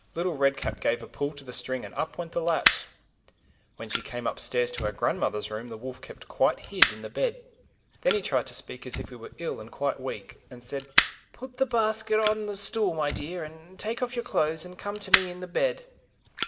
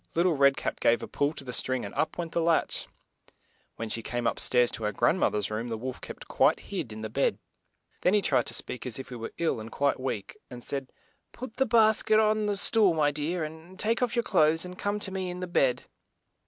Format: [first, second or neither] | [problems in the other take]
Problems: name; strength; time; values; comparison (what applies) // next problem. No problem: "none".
second | background sound (Fire); 5 dB below the speech // room echo; dies away in 0.6 s